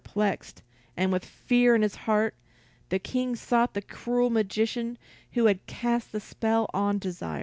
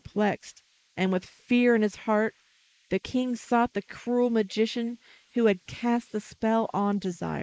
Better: first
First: none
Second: noise reduction (neural mask model Resemble Enhance denoiser)

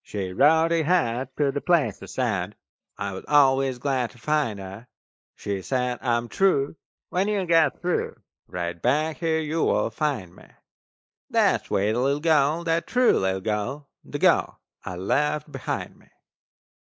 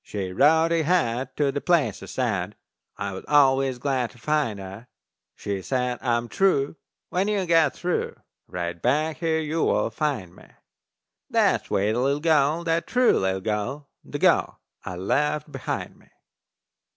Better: second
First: noise reduction (neural mask model Resemble Enhance denoiser)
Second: none

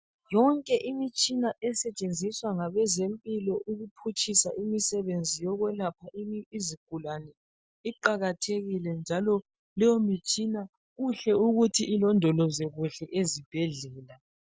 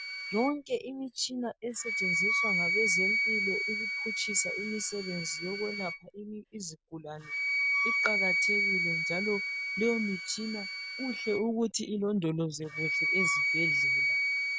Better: first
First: none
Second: background sound (Wind instrument, woodwind instrument); 3 dB above the speech

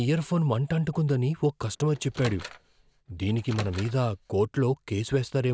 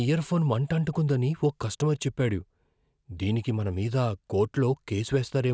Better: second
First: background sound (Microwave oven); 16 dB below the speech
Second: none

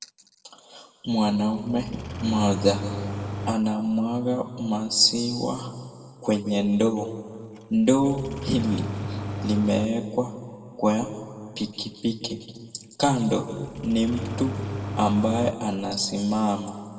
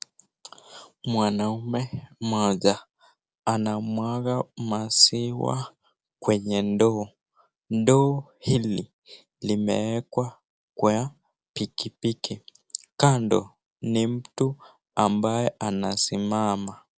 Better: second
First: background sound (Engine starting); 8 dB below the speech // room echo; dies away in 1.6 s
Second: none

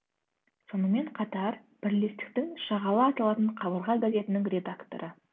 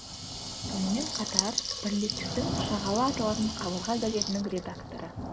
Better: first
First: none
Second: background sound (Water tap, faucet / Liquid + Thunder / Rain); 2 dB below the speech

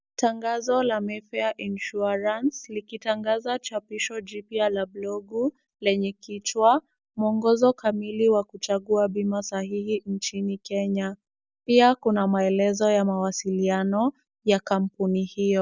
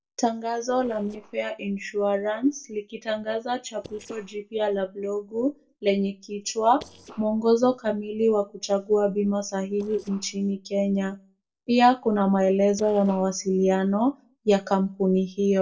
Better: first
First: none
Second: noise reduction (neural separator model SepFormer DNS4)

